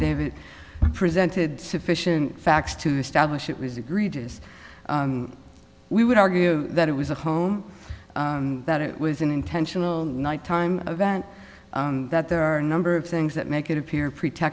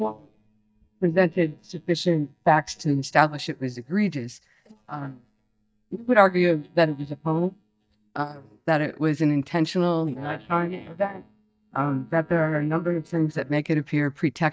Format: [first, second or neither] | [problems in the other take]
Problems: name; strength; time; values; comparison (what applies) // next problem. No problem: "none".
first | noise reduction (neural mask model DeepFilterNet 3)